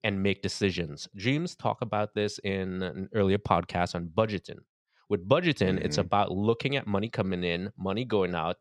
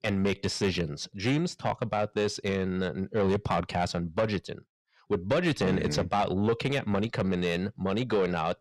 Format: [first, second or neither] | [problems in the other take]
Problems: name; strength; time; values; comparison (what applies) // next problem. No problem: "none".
first | distortion; heavy; 8 dB below the speech